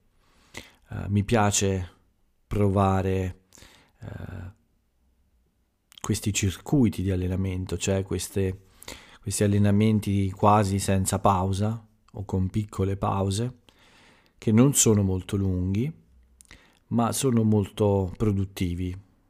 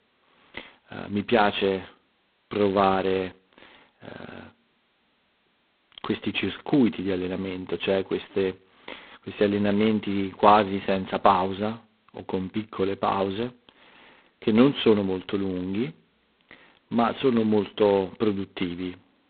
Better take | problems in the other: first | phone-call audio; poor line; nothing above 4 kHz

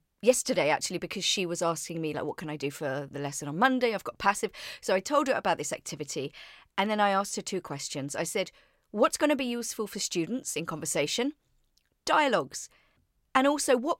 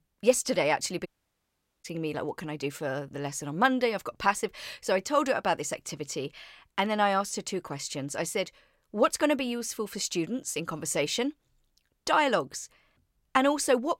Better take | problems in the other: first | audio cutting out; at 1 s for 1 s

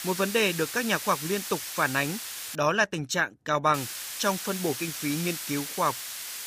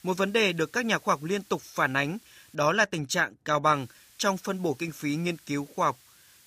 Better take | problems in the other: second | hiss; loud; until 2.5 s and from 3.5 s on; 6 dB below the speech; faint in the second

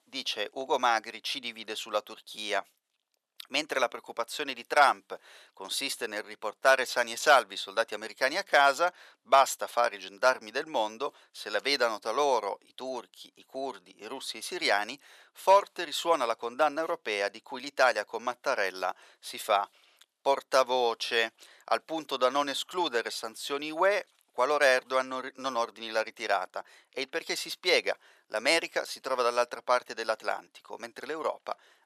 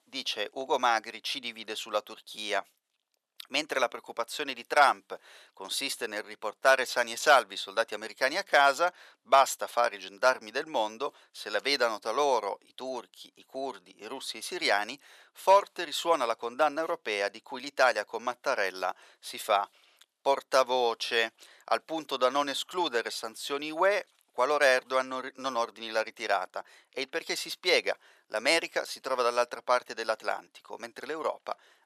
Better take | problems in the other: neither | thin; very; fading below 650 Hz; the same in both

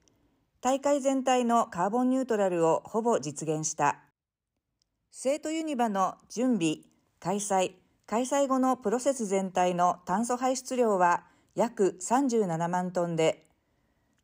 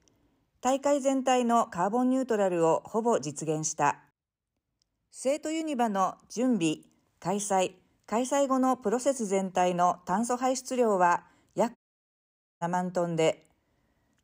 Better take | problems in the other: first | audio cutting out; at 12 s for 1 s

